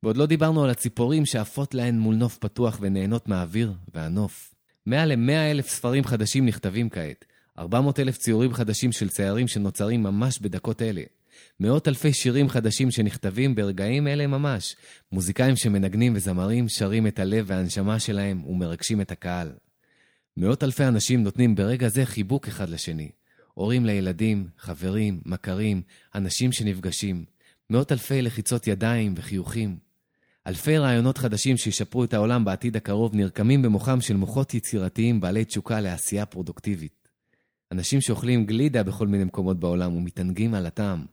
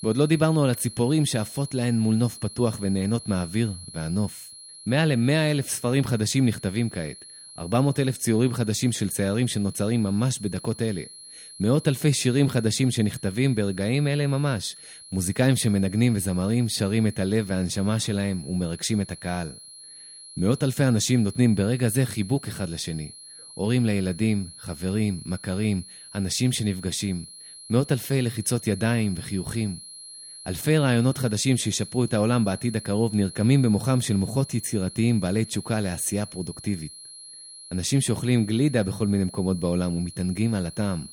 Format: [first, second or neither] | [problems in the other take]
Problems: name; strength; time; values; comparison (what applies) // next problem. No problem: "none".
first | high-pitched whine; noticeable; throughout; 4 kHz, 15 dB below the speech